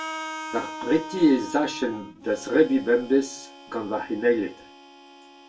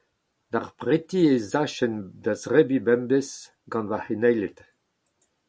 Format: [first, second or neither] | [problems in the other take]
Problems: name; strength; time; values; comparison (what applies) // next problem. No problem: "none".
second | background sound (Harmonica); 13 dB below the speech // room echo; dies away in 0.2 s